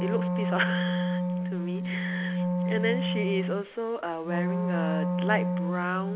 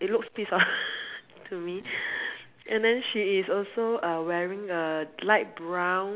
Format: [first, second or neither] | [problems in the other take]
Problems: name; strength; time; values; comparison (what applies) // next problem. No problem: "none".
second | background sound (Wind instrument, woodwind instrument); 4 dB above the speech